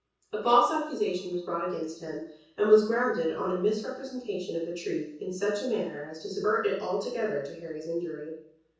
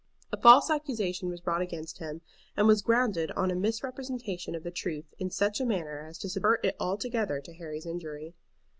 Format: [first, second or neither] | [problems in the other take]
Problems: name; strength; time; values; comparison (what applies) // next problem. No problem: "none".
second | room echo; dies away in 0.6 s